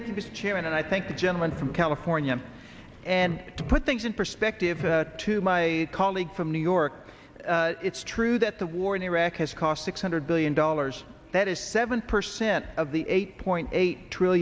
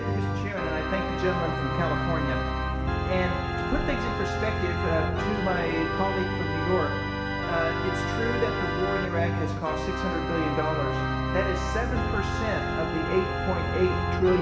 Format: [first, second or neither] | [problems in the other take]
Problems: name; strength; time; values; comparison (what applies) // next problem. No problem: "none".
first | background sound (Organ); 2 dB above the speech // room echo; dies away in 1.4 s